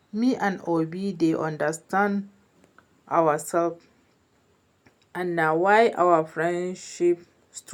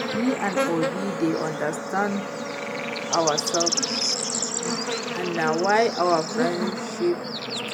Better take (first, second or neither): first